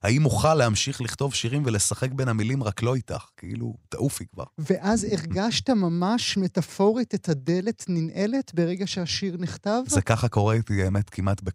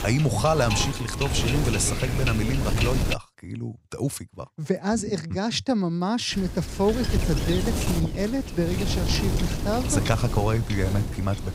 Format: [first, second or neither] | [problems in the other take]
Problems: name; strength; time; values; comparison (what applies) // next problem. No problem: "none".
first | wind noise on the microphone; heavy; until 3 s and from 6.5 s on; 4 dB below the speech